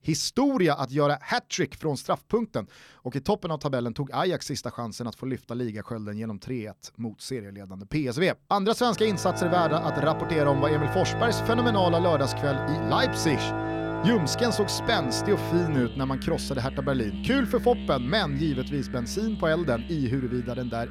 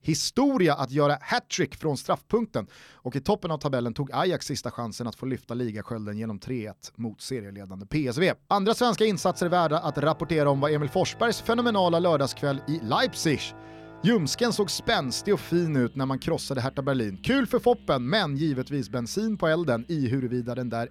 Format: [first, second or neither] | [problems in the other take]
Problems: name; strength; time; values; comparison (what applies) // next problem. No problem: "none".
second | background music; loud; from 9 s on; 5 dB below the speech; faint in the second